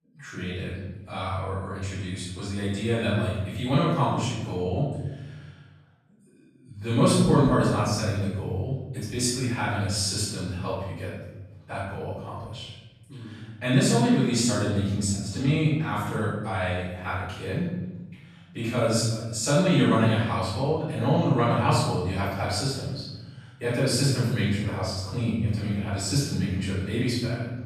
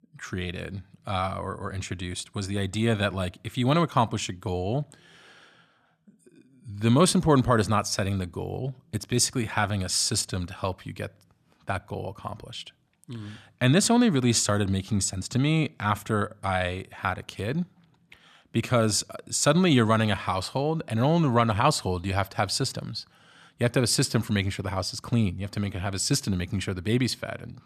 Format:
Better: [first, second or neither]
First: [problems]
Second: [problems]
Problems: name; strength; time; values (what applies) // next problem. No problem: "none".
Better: second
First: off-mic speech; far // room echo; strong; dies away in 1 s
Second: none